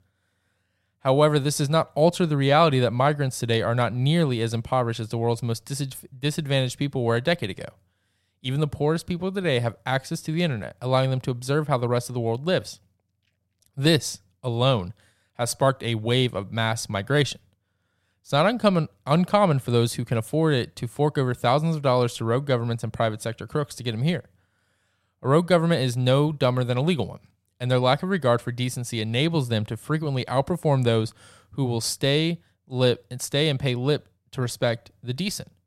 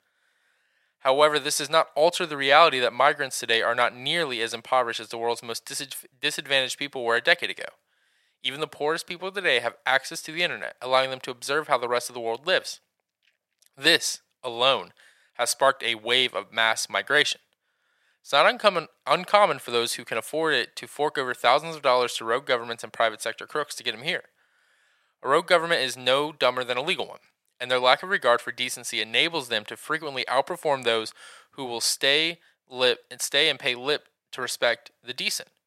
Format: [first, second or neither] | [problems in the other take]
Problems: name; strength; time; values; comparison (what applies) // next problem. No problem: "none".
first | thin; very; fading below 550 Hz